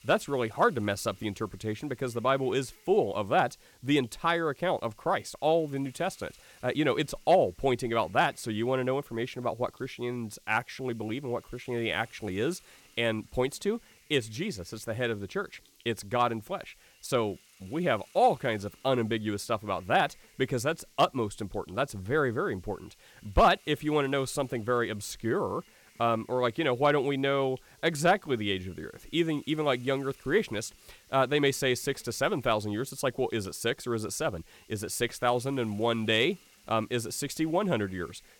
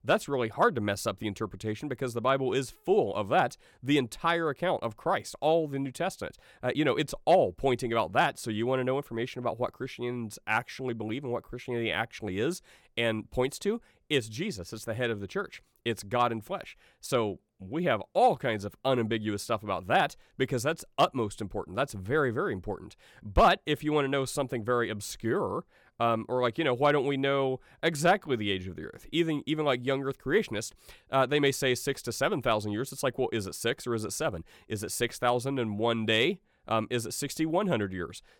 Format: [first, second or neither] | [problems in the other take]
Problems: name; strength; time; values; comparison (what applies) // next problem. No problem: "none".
second | hiss; faint; throughout; 30 dB below the speech